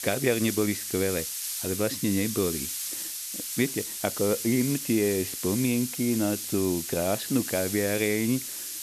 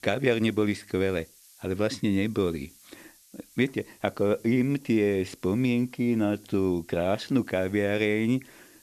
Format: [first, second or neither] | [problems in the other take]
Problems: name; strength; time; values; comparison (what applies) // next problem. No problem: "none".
second | hiss; loud; throughout; 4 dB below the speech; faint in the second